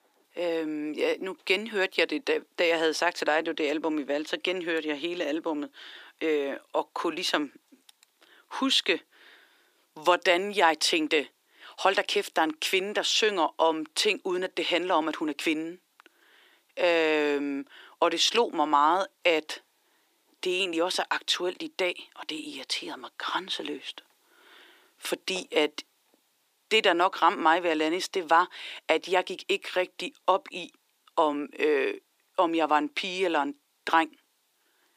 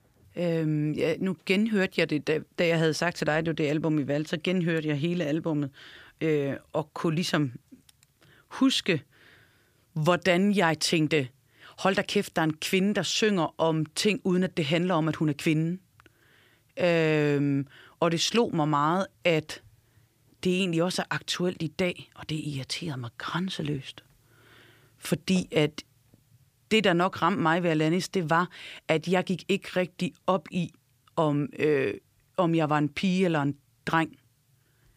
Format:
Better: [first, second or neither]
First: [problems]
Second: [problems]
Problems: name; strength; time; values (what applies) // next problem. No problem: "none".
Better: second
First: thin; somewhat; fading below 300 Hz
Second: none